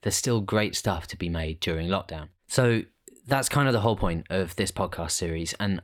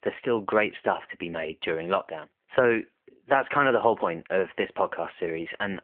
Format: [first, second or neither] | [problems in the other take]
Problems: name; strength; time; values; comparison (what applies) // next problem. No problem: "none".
first | phone-call audio